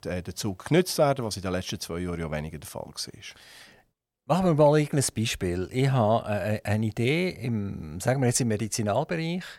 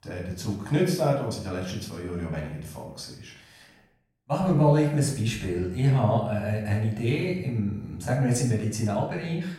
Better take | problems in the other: first | off-mic speech; far // room echo; slight; dies away in 0.6 s

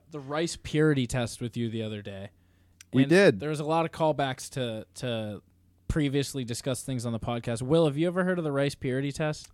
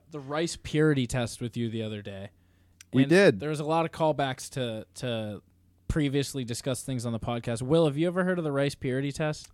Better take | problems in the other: neither | none

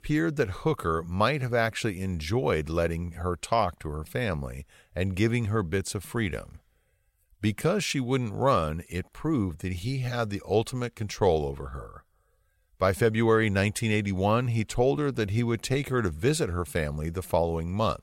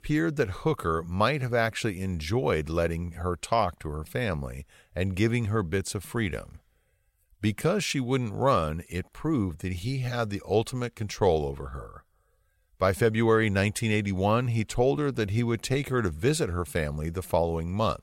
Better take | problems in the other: neither | none

